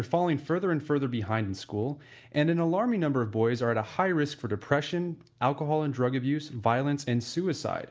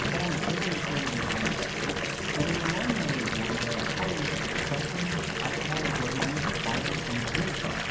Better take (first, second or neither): first